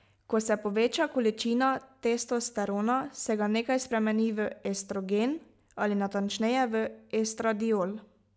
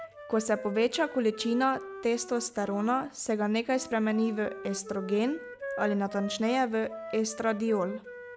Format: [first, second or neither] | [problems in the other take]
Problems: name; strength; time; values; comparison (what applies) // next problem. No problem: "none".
first | background sound (Wind instrument, woodwind instrument); 13 dB below the speech